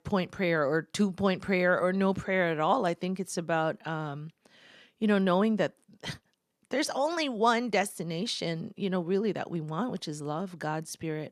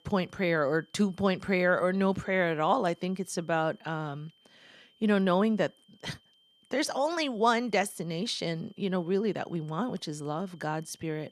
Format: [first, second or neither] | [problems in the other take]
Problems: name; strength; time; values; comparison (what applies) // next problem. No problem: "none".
first | high-pitched whine; faint; throughout; 3 kHz, 35 dB below the speech